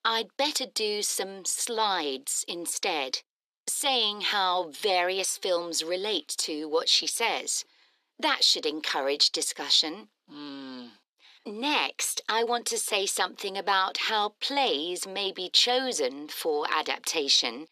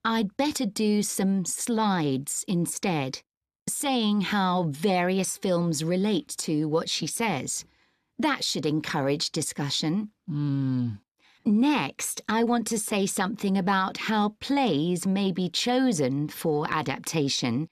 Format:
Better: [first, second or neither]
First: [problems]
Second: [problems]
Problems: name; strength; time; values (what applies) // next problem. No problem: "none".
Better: second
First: thin; very; fading below 400 Hz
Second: none